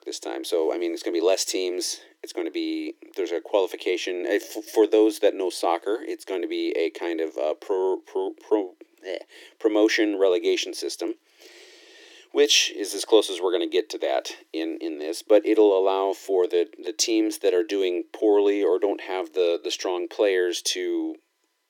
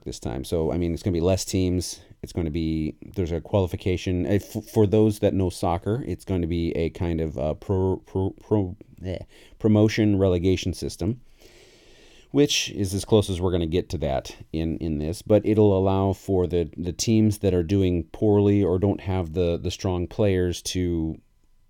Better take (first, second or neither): second